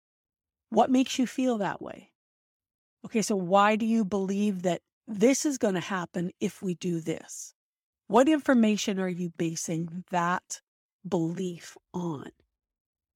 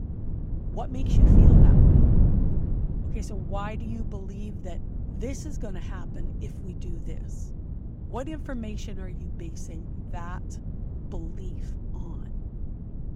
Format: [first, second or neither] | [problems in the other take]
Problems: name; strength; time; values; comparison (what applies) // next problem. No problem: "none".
first | wind noise on the microphone; heavy; 3 dB above the speech